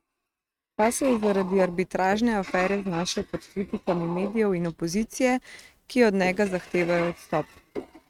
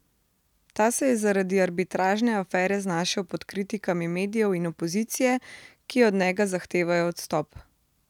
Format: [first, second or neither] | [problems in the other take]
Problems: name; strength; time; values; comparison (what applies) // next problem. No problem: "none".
second | noise reduction (neural mask model RNNoise)